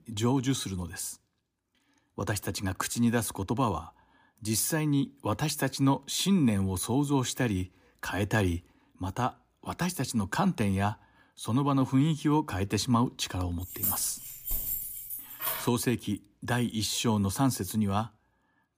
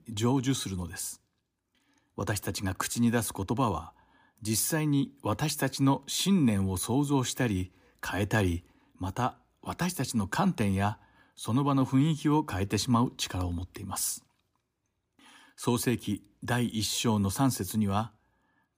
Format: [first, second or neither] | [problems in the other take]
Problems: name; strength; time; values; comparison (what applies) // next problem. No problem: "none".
second | jangling keys; noticeable; from 14 to 16 s; peak level with the speech